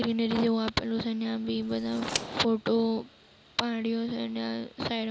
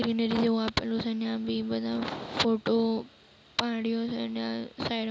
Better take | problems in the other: second | background sound (Tick); 13 dB below the speech

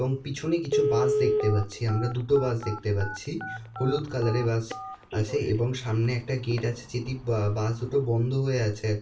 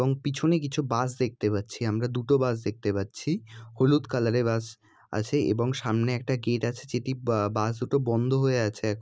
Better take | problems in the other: second | background sound (Telephone); 7 dB below the speech // room echo; dies away in 0.3 s

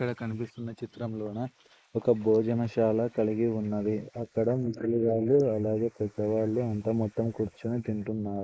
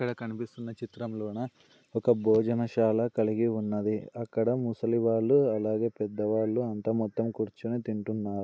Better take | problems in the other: second | noise reduction (neural mask model Resemble Enhance denoiser)

